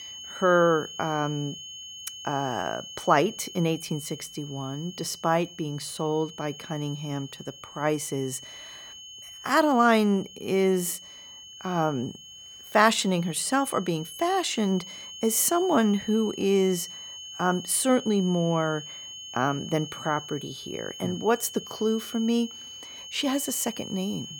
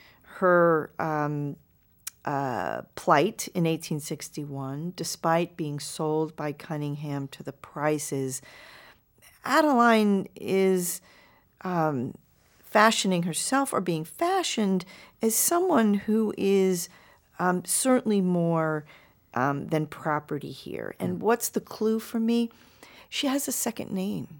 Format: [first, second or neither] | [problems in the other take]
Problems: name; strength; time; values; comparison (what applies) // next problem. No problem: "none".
second | high-pitched whine; noticeable; throughout; 3 kHz, 15 dB below the speech